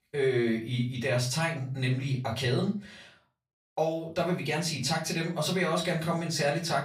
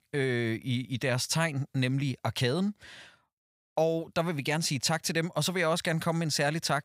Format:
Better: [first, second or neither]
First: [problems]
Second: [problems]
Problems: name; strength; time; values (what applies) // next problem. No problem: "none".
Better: second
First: off-mic speech; far // room echo; slight; dies away in 0.3 s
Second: none